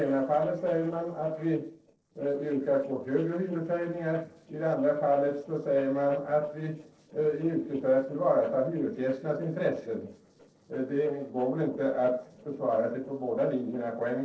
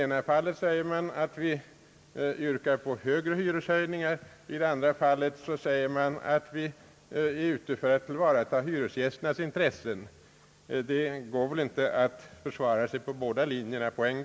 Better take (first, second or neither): second